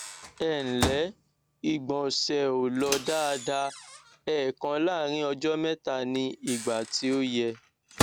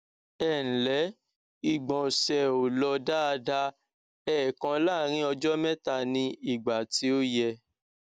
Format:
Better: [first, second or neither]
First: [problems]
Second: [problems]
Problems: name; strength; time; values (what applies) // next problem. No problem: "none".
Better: second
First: background sound (Microwave oven); 8 dB below the speech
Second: none